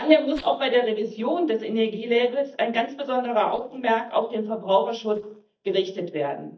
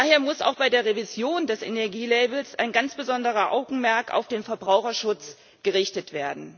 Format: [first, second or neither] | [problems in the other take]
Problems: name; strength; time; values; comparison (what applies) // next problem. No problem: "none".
second | noise reduction (neural mask model DeepFilterNet 3)